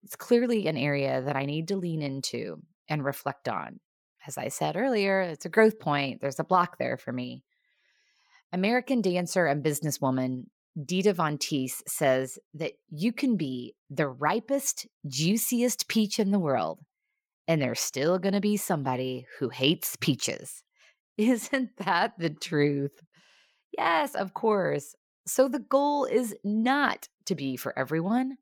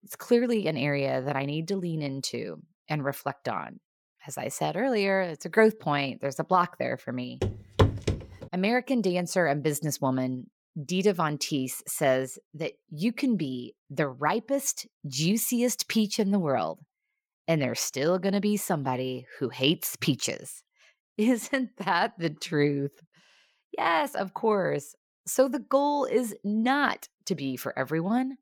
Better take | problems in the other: first | footsteps; loud; at 7.5 s; peak 3 dB above the speech

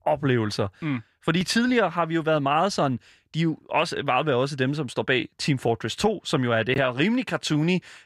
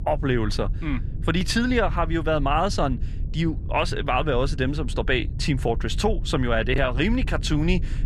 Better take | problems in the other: first | low rumble; faint; throughout; 20 dB below the speech

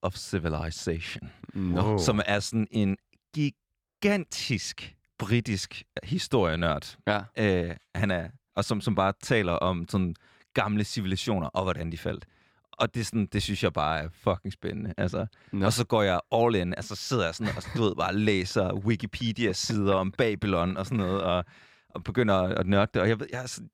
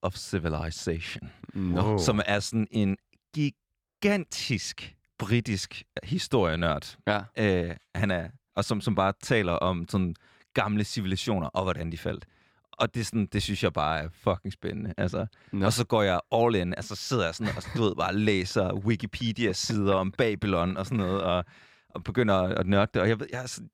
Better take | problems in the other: neither | none

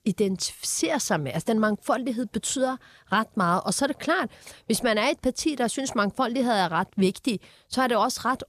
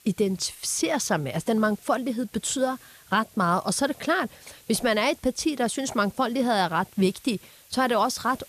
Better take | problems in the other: first | hiss; faint; throughout; 25 dB below the speech

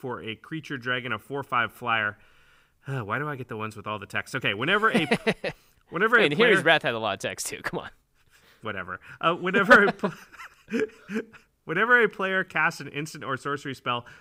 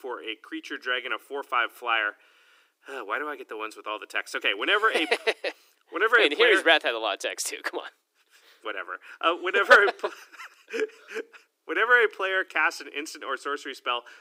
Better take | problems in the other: first | thin; very; fading below 300 Hz

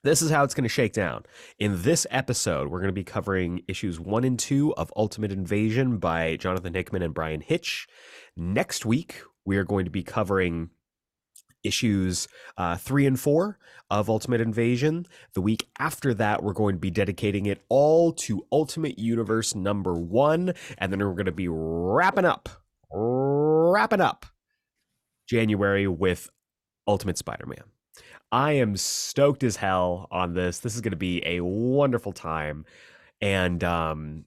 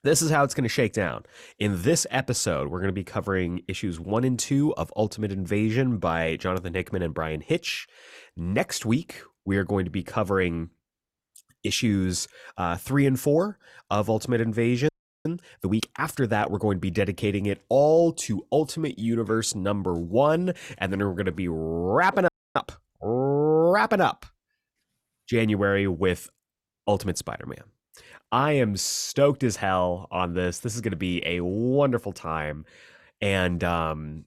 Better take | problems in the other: first | audio freezing; at 15 s and at 22 s

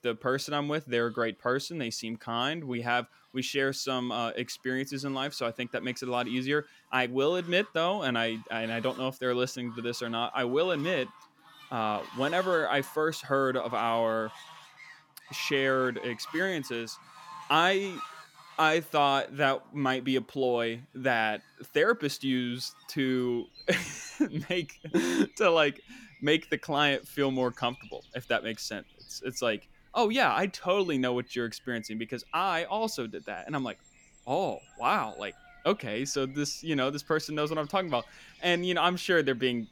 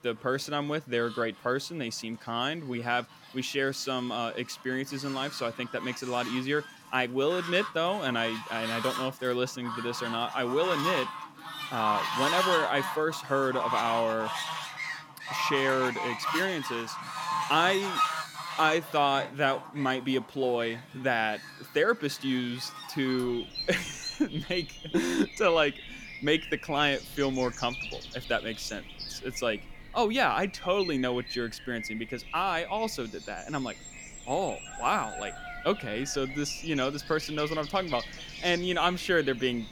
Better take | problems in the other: first | animal sounds; loud; throughout; 7 dB below the speech; faint in the first

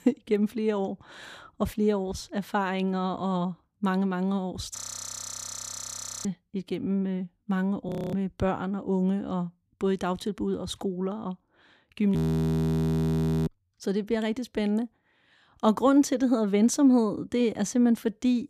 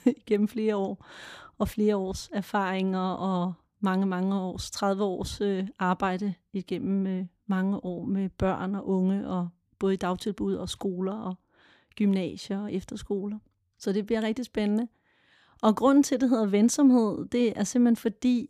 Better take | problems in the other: second | audio freezing; at 5 s for 1.5 s, at 8 s and at 12 s for 1.5 s

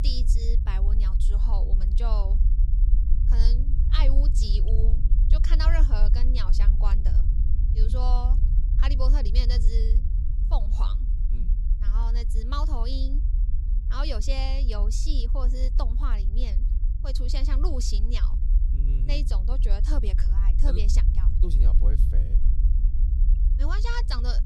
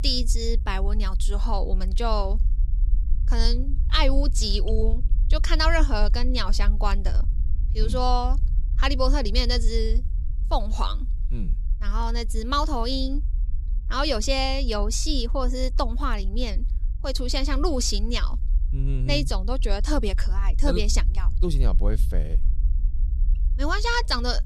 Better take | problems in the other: second | low rumble; loud; throughout; 9 dB below the speech; faint in the second

